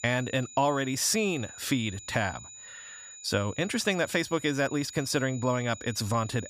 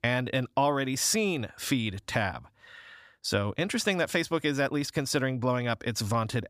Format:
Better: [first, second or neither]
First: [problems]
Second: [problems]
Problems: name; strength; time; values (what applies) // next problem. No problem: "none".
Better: second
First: high-pitched whine; noticeable; throughout; 7 kHz, 15 dB below the speech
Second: none